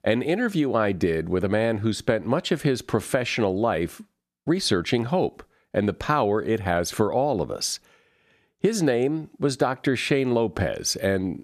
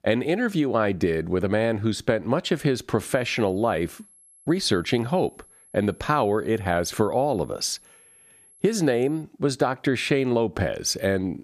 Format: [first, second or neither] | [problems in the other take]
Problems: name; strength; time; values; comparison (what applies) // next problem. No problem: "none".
first | high-pitched whine; faint; from 3 to 9 s; 11 kHz, 25 dB below the speech